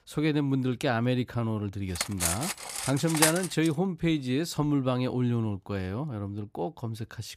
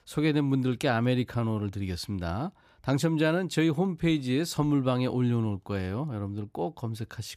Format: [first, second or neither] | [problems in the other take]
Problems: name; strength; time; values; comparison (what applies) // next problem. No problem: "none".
second | clattering dishes; loud; from 2 to 3.5 s; peak 4 dB above the speech